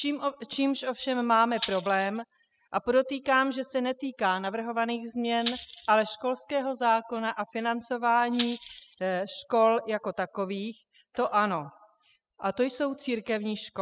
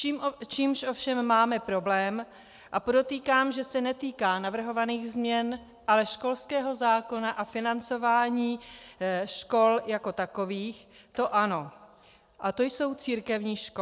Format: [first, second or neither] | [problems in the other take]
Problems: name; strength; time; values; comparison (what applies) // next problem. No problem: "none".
second | noise reduction (classical method spectral subtraction)